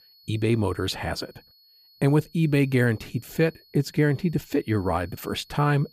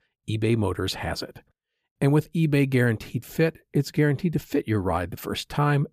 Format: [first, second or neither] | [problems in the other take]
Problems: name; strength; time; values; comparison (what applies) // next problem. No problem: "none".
second | high-pitched whine; faint; throughout; 4.5 kHz, 30 dB below the speech